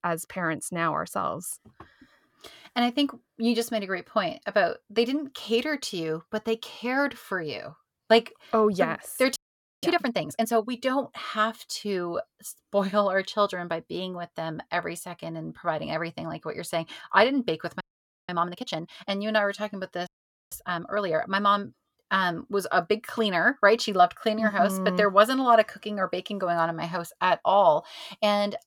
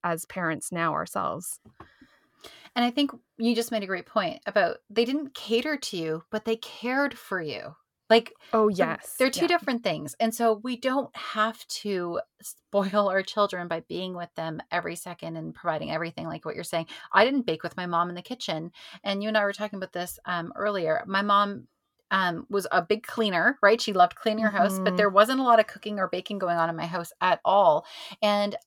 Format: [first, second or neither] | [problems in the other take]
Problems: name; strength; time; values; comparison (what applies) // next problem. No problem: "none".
second | audio freezing; at 9.5 s, at 18 s and at 20 s